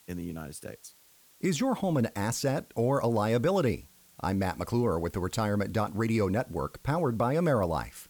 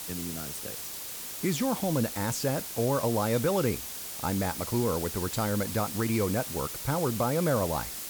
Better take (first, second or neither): first